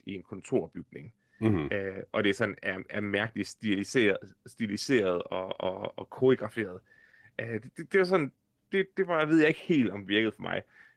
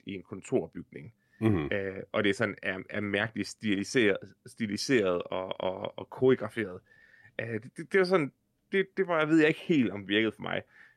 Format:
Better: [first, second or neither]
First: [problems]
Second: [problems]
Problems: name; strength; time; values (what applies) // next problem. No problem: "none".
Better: second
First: garbled, watery; slightly; nothing above 16 kHz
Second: none